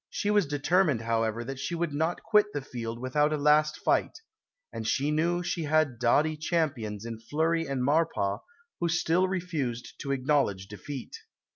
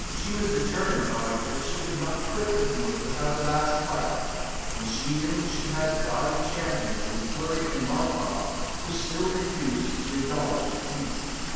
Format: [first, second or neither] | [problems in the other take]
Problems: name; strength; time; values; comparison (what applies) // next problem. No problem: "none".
first | background sound (Rain); 2 dB below the speech // room echo; dies away in 2.1 s